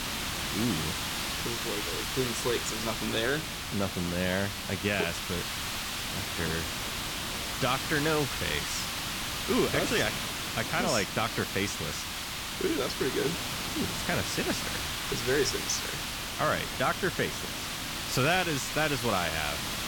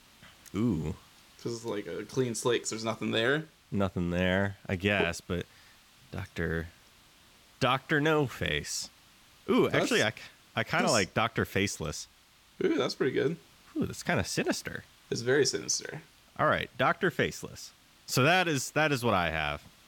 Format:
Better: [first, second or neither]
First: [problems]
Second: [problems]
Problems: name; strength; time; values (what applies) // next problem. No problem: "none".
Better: second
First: hiss; loud; throughout; 1 dB below the speech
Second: hiss; faint; throughout; 30 dB below the speech